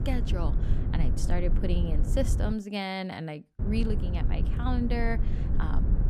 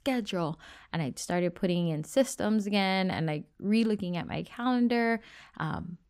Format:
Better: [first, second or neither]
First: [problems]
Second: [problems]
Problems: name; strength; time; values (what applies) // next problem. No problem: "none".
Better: second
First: low rumble; loud; until 2.5 s and from 3.5 s on; 7 dB below the speech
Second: none